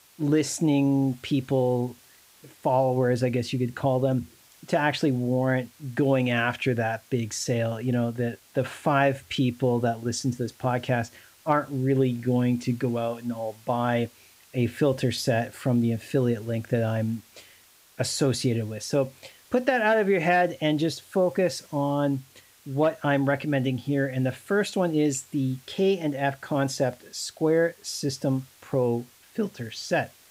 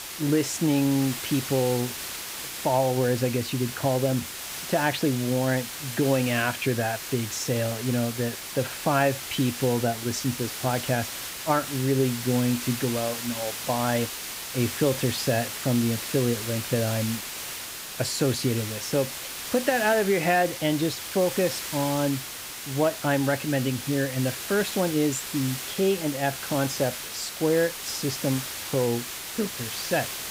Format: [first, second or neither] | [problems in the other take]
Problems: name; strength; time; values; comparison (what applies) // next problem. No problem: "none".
first | hiss; loud; throughout; 6 dB below the speech; faint in the first